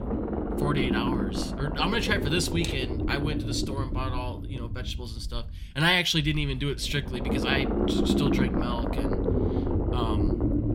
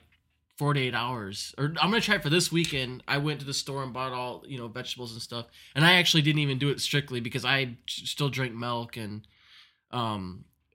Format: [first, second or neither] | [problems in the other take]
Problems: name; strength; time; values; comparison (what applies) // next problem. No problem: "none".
second | low rumble; loud; throughout; 4 dB below the speech